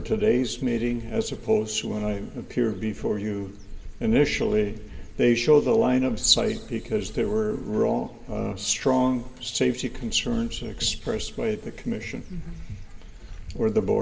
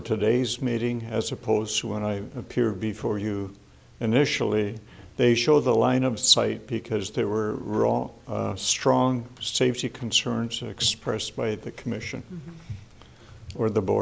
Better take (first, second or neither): second